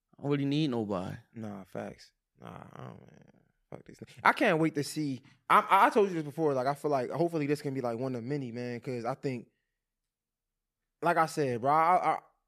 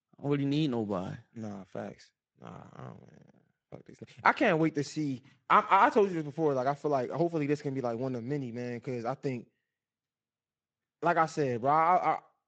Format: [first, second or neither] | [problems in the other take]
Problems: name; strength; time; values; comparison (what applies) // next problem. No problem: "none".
first | garbled, watery; slightly; nothing above 7.5 kHz